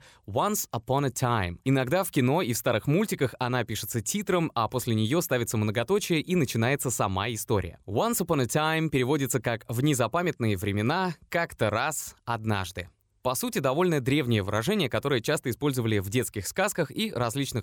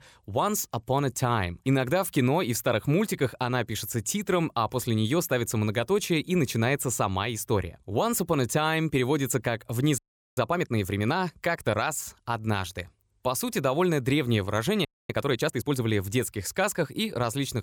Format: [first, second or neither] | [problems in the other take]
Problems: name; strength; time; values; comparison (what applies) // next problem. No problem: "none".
first | audio freezing; at 10 s and at 15 s